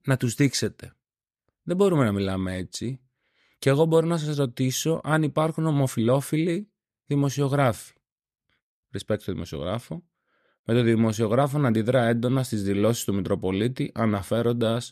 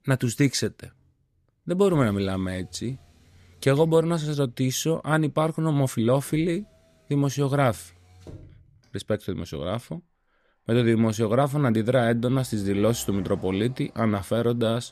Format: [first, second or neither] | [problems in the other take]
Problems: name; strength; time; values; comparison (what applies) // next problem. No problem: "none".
first | traffic noise; faint; throughout; 30 dB below the speech